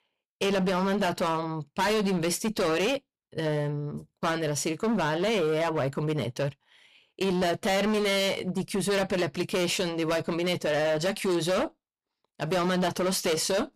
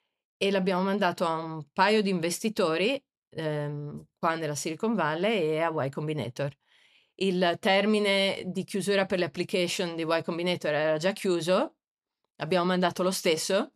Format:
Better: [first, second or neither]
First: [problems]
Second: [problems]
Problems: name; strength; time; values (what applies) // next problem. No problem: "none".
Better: second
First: distortion; heavy; 19% of the sound clipped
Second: none